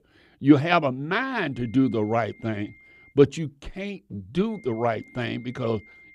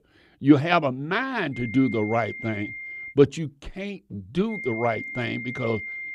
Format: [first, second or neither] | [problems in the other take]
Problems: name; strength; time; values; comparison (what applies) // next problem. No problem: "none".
first | high-pitched whine; loud; from 1.5 to 3 s and from 4.5 s on; 2 kHz, 9 dB below the speech; faint in the first